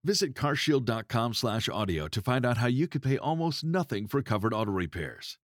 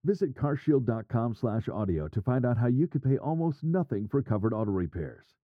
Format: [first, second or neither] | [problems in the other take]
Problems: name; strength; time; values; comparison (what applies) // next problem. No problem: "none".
first | muffled; very; fading above 1.5 kHz